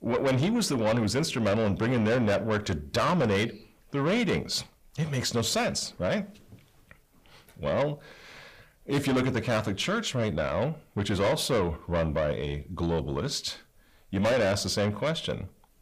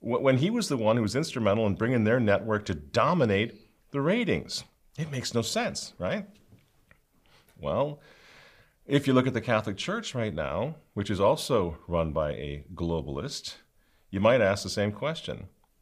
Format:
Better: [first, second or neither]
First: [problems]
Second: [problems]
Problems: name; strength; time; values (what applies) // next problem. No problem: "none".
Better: second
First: distortion; heavy; 7 dB below the speech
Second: none